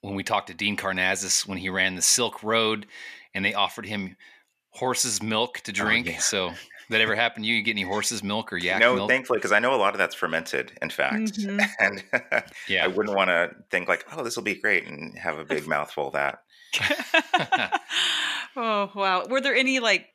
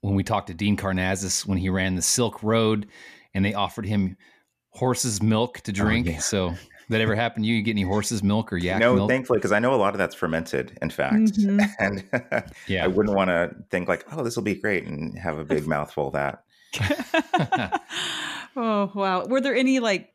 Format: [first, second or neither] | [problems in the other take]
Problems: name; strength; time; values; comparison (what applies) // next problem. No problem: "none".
second | thin; somewhat; fading below 1 kHz